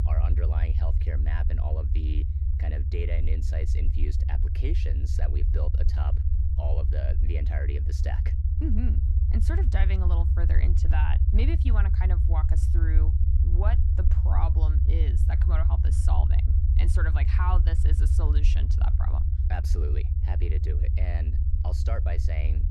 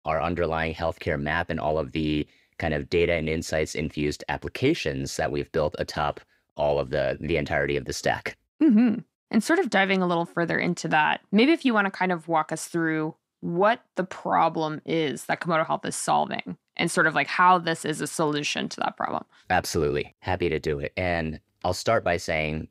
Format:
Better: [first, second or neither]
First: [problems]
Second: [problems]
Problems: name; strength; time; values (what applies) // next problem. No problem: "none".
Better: second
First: low rumble; loud; throughout; 3 dB below the speech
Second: none